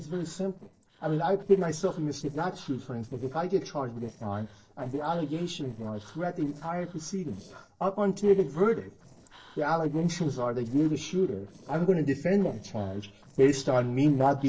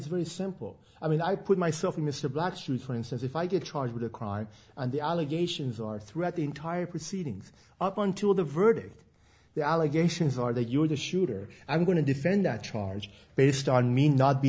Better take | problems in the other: second | noise reduction (neural separator model SepFormer DNS4)

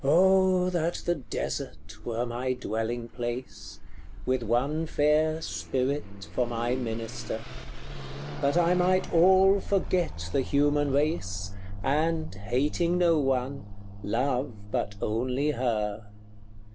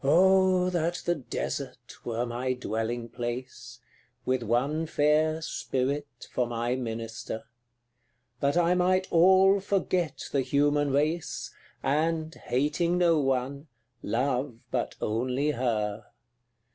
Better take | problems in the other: second | background sound (Car passing by / Accelerating, revving, vroom); 8 dB below the speech

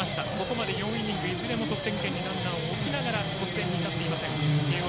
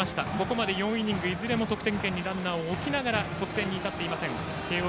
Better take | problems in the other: second | background sound (Guitar); 2 dB above the speech

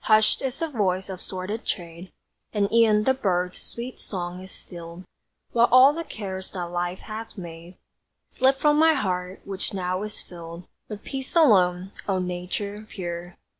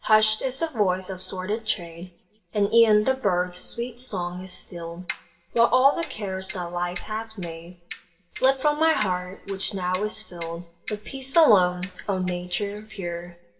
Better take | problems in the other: first | background sound (Clock); 17 dB below the speech // room echo; dies away in 0.7 s

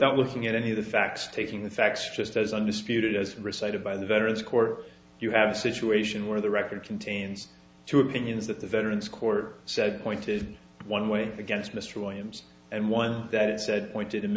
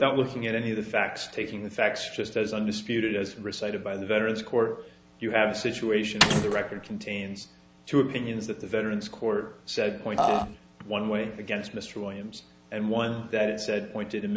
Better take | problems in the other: first | background sound (Burping, eructation + Mechanisms); 4 dB above the speech

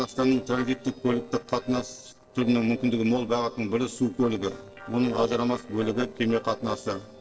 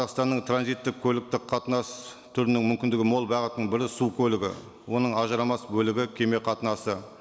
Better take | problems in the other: second | noise reduction (neural separator model SepFormer DNS4)

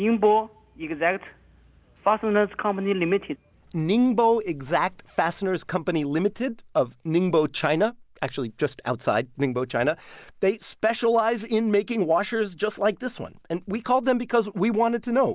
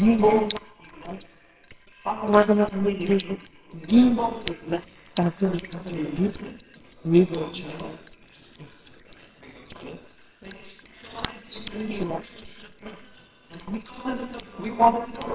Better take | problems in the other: first | noise reduction (neural separator model SepFormer WHAMR!)

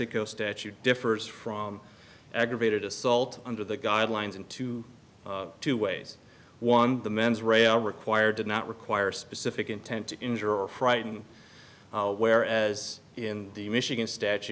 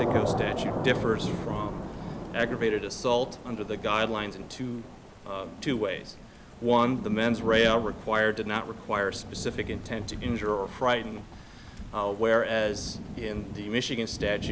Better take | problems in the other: first | background sound (Thunder / Rain); 7 dB below the speech

